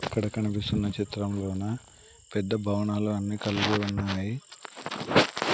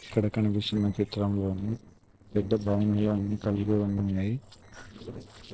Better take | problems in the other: first | noise reduction (neural separator model SepFormer DNS4)

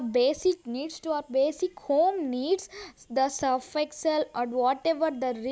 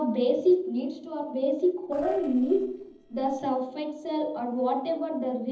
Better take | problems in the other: first | noise reduction (neural separator model SepFormer DNS4)

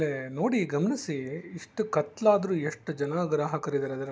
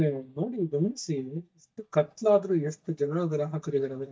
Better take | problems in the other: first | noise reduction (neural mask model DeepFilterNet 3)

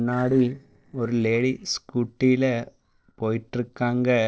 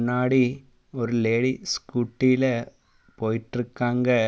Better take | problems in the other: second | noise reduction (neural separator model SepFormer DNS4)

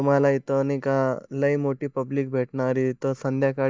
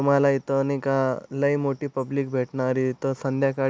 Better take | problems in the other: second | noise reduction (neural mask model DeepFilterNet 3)

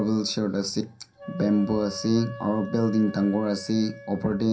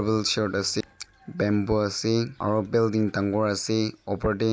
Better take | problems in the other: second | background sound (Wind instrument, woodwind instrument); 18 dB below the speech // room echo; dies away in 0.3 s

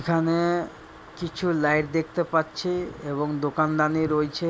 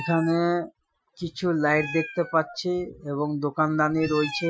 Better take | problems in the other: first | noise reduction (classical method Wiener filter)

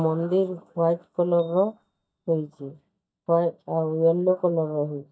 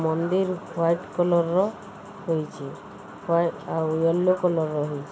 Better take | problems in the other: second | noise reduction (neural mask model DeepFilterNet 3)

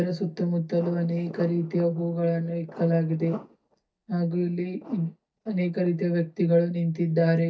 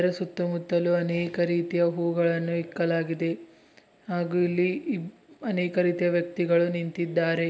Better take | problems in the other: second | noise reduction (neural mask model DeepFilterNet 3)

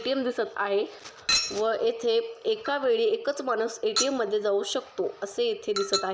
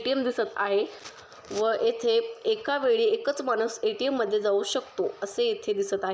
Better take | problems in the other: second | background sound (Chink, clink); 8 dB below the speech

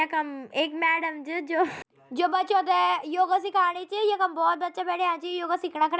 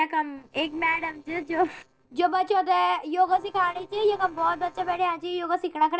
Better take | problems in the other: first | noise reduction (neural separator model SepFormer DNS4)

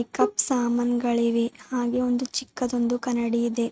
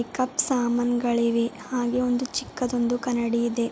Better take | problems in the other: second | noise reduction (neural mask model RNNoise)

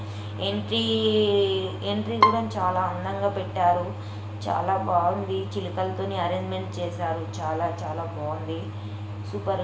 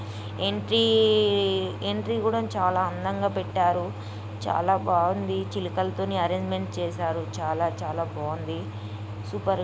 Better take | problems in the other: second | background sound (Bowed string instrument); 1 dB below the speech // room echo; dies away in 0.7 s

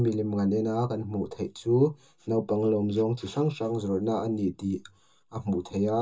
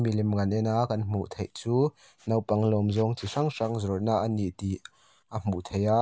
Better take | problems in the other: second | room echo; dies away in 0.2 s

